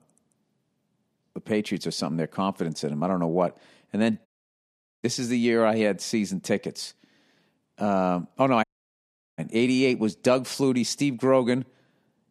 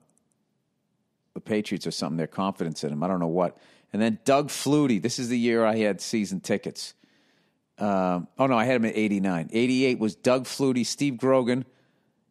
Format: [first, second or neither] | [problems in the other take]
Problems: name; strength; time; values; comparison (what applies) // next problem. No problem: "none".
second | audio cutting out; at 4.5 s for 1 s and at 8.5 s for 0.5 s